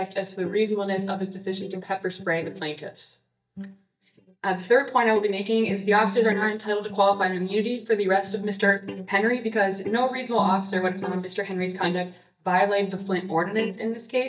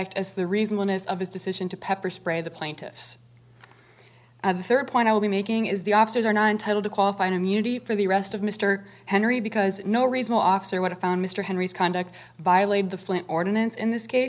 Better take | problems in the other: second | noise reduction (neural mask model DeepFilterNet 3)

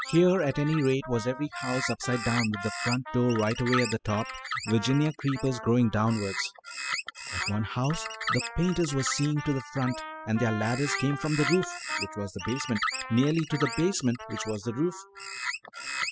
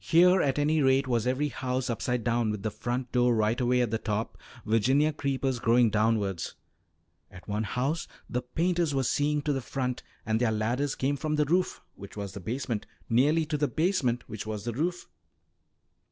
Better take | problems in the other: second | noise reduction (classical method spectral subtraction)

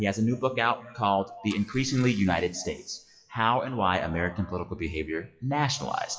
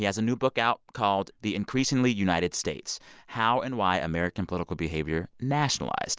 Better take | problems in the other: second | noise reduction (classical method WPE with log-MMSE)

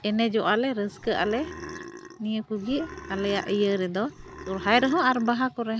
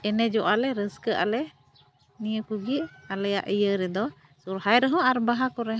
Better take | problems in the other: second | background sound (Burping, eructation); 14 dB below the speech

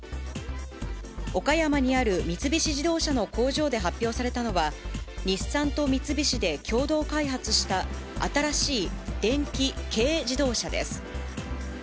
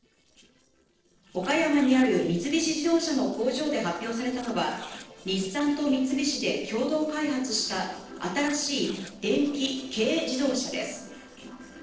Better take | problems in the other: first | noise reduction (neural separator model SepFormer DNS4)

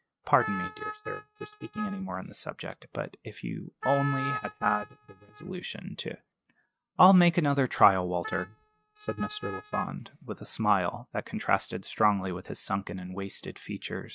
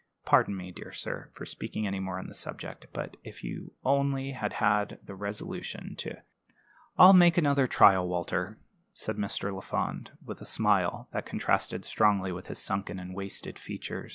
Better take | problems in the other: second | noise reduction (neural mask model RNNoise)

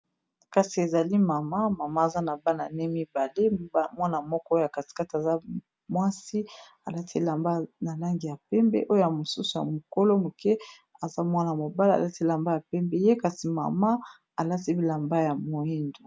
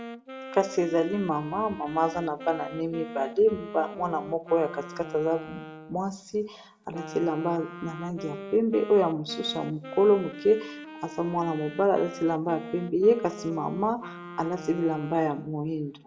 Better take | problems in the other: first | background sound (Wind instrument, woodwind instrument); 14 dB below the speech // room echo; dies away in 0.6 s

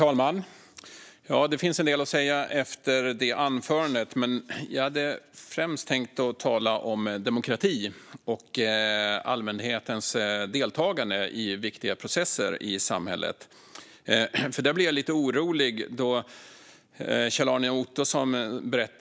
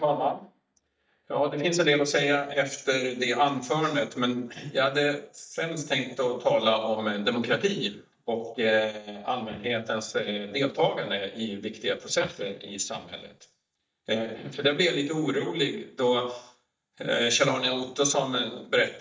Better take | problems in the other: first | noise reduction (neural mask model DeepFilterNet 3)

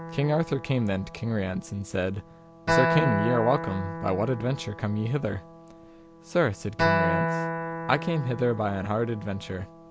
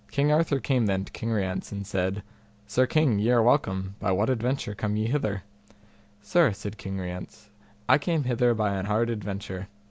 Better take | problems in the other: second | background sound (Acoustic guitar); 3 dB below the speech

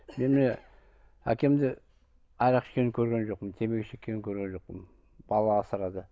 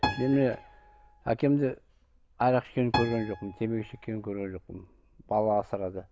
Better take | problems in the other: first | background sound (Piano); 9 dB below the speech

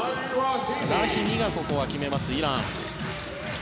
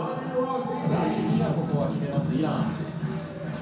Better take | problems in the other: first | room echo; dies away in 0.6 s

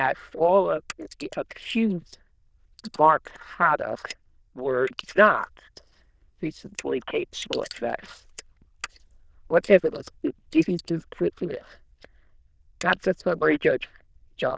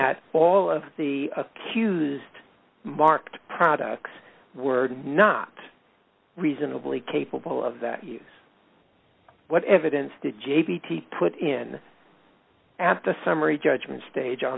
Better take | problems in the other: second | noise reduction (neural diffusion model UNIVERSE++)

